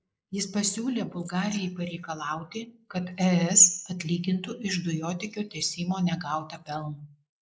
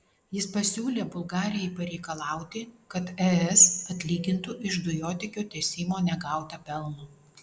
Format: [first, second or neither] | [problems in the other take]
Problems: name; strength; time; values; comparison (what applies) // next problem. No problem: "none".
second | noise reduction (neural mask model Resemble Enhance denoiser)